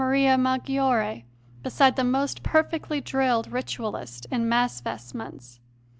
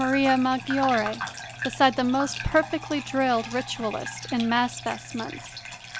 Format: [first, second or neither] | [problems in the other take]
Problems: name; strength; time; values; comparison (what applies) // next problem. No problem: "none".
first | background sound (Bathtub (filling or washing) / Gurgling); 11 dB below the speech